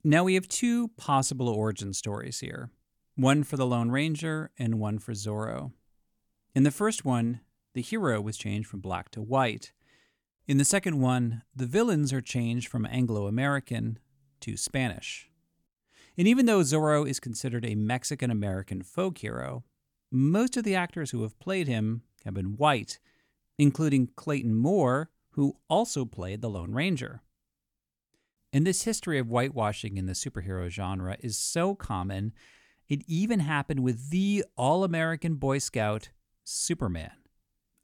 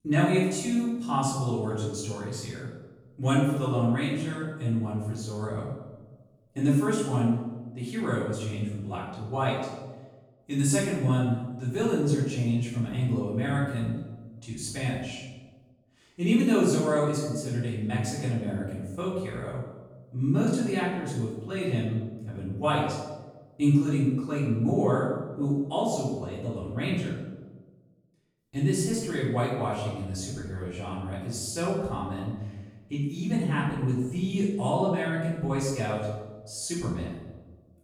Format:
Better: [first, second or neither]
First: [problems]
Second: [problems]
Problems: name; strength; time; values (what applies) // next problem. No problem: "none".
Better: first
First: none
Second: room echo; noticeable; dies away in 1 s // off-mic speech; far